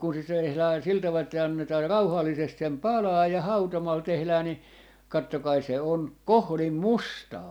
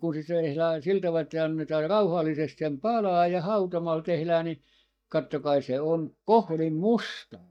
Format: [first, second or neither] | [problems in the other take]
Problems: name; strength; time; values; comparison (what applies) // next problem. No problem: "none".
first | noise reduction (neural mask model DeepFilterNet 3)